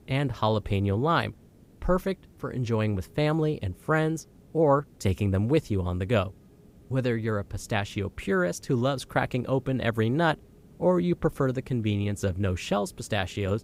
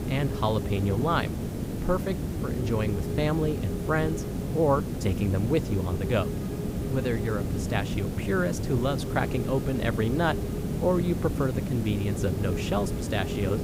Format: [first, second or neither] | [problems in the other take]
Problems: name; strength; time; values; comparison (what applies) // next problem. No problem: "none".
first | hiss; loud; throughout; 2 dB below the speech; faint in the first